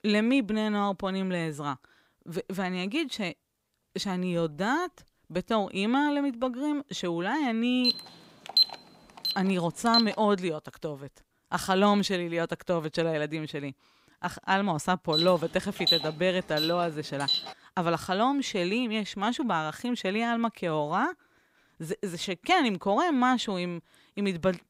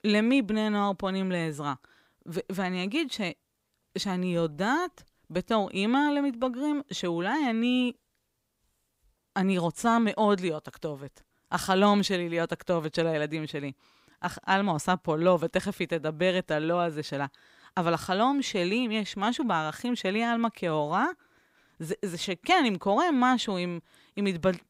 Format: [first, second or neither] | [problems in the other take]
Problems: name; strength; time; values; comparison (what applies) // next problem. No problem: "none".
second | alarm; loud; from 8 to 10 s and from 15 to 17 s; peak 6 dB above the speech